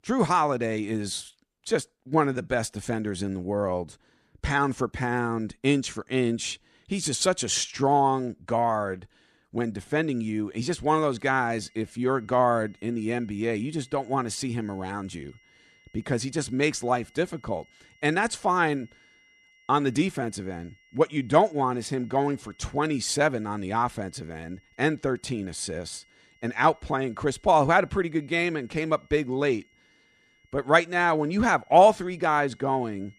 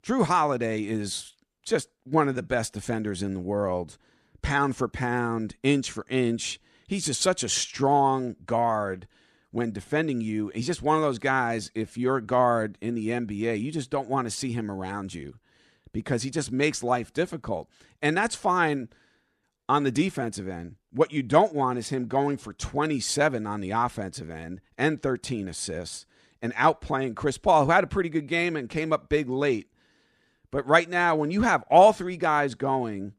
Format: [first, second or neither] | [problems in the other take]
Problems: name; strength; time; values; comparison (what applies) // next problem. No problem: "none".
second | high-pitched whine; faint; from 11 s on; 2 kHz, 35 dB below the speech